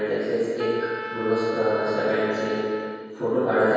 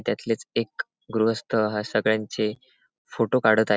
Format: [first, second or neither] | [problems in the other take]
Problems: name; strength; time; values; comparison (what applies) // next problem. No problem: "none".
second | background sound (Trumpet); 12 dB below the speech // room echo; dies away in 2.2 s